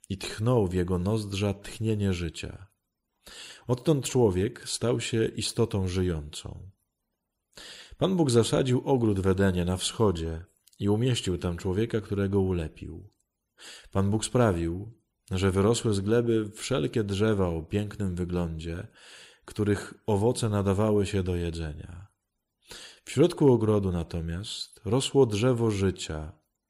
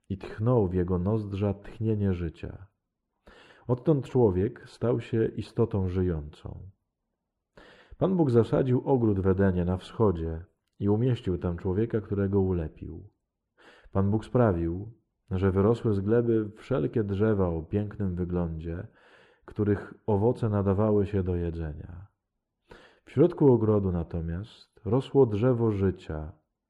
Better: first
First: none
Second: muffled; very; fading above 3 kHz

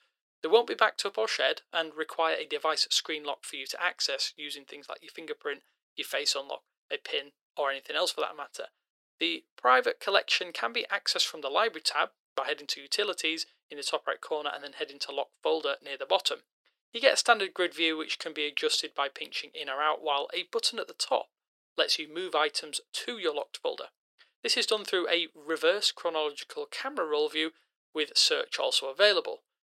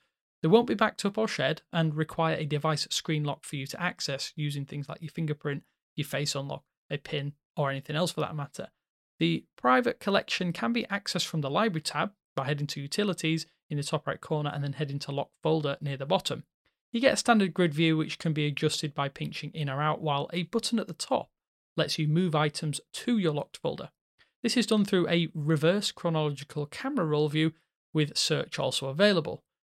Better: second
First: thin; very; fading below 350 Hz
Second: none

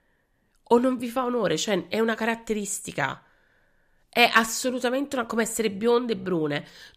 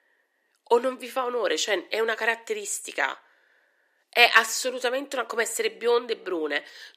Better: first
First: none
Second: thin; somewhat; fading below 350 Hz

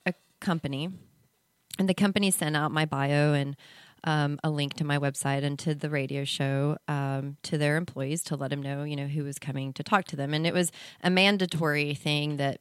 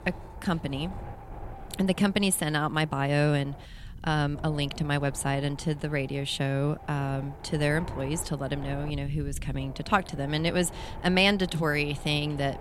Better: first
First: none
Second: wind noise on the microphone; occasional gusts; 15 dB below the speech

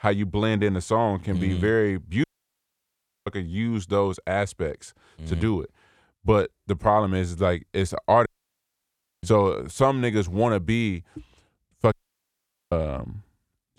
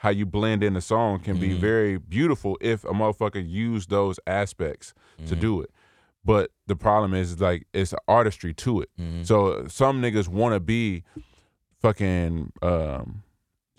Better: second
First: audio cutting out; at 2 s for 1 s, at 8.5 s for 1 s and at 12 s for 1 s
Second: none

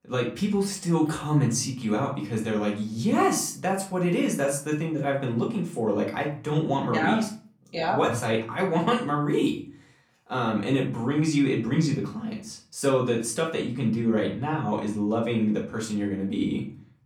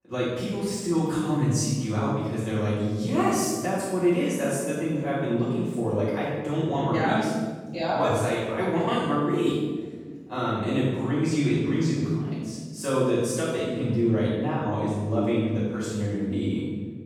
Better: first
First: room echo; slight; dies away in 0.4 s // off-mic speech; far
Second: room echo; strong; dies away in 1.6 s // off-mic speech; far

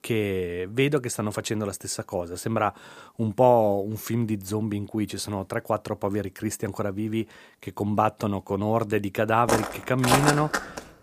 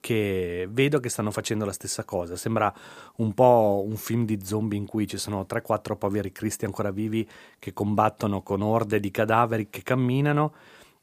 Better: second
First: footsteps; loud; from 9.5 s on; peak 4 dB above the speech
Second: none

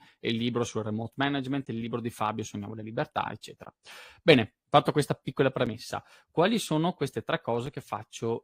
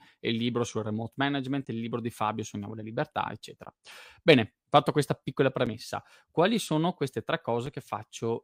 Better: second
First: garbled, watery; slightly; nothing above 15.5 kHz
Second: none

